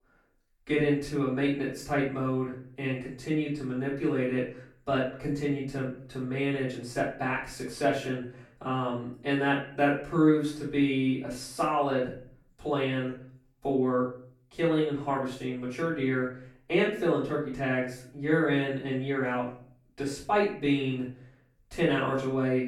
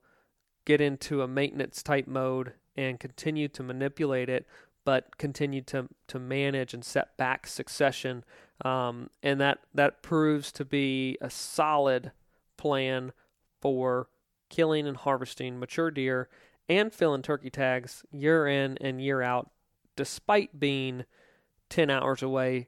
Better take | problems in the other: second | room echo; noticeable; dies away in 0.5 s // off-mic speech; far

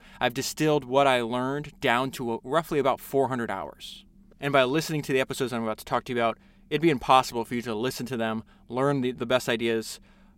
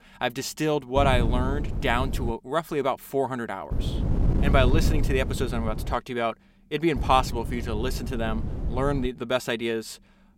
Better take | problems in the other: first | wind noise on the microphone; occasional gusts; from 1 to 2.5 s, from 3.5 to 6 s and from 7 to 9 s; 10 dB below the speech

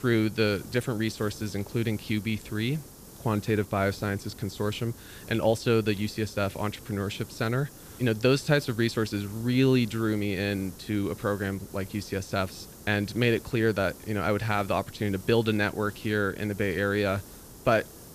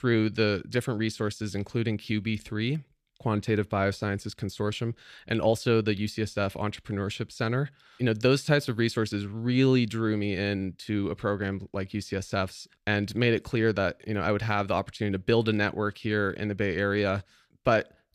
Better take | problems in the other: second | hiss; noticeable; throughout; 20 dB below the speech

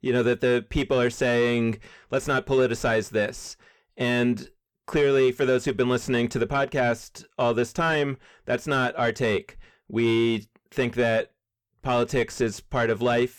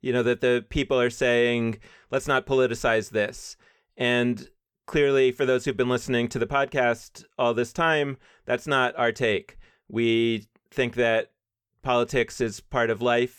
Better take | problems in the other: second | distortion; slight; 10 dB below the speech

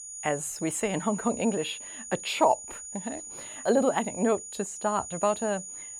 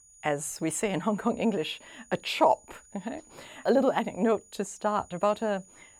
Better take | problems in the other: second | high-pitched whine; loud; throughout; 7 kHz, 9 dB below the speech; faint in the second

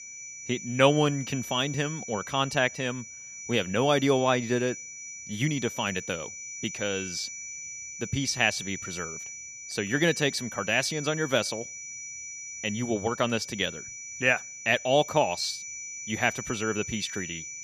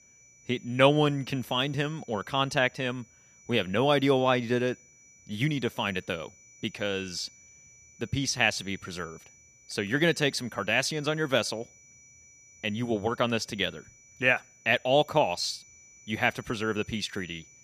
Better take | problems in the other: second | high-pitched whine; loud; throughout; 6 kHz, 10 dB below the speech; faint in the second

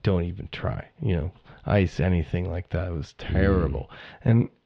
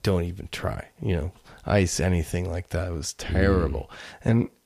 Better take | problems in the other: second | muffled; slightly; fading above 3.5 kHz

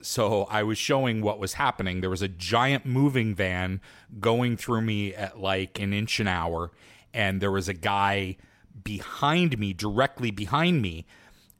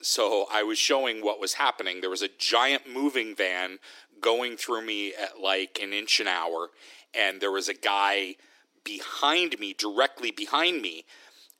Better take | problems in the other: first | thin; somewhat; fading below 300 Hz

